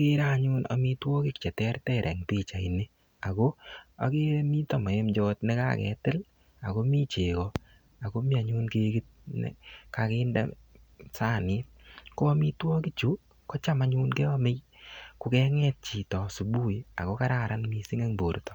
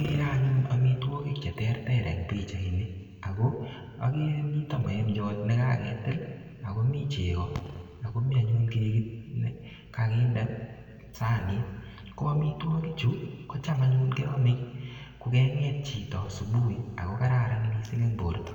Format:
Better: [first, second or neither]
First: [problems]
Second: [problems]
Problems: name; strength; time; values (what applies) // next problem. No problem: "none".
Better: first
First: none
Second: room echo; dies away in 1.8 s